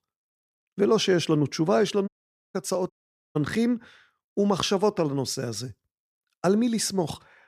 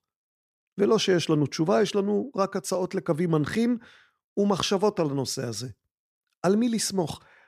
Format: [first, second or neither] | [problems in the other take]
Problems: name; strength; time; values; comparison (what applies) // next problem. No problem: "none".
second | audio cutting out; at 2 s and at 3 s